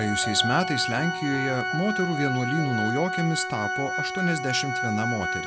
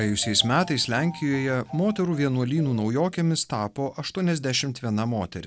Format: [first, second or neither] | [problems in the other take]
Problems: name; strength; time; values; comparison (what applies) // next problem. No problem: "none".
second | background sound (Organ); 2 dB below the speech